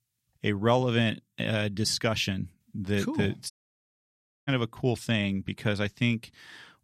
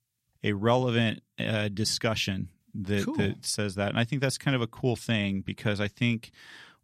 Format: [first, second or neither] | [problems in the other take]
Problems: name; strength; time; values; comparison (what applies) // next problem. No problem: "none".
second | audio cutting out; at 3.5 s for 1 s